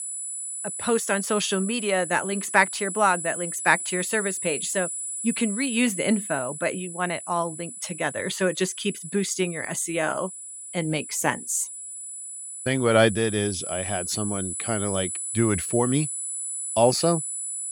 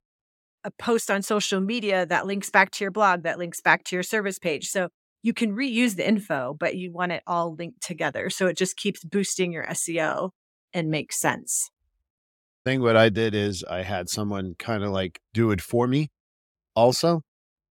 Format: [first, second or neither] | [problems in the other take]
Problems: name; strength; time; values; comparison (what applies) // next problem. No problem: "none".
second | high-pitched whine; loud; throughout; 10 kHz, 5 dB below the speech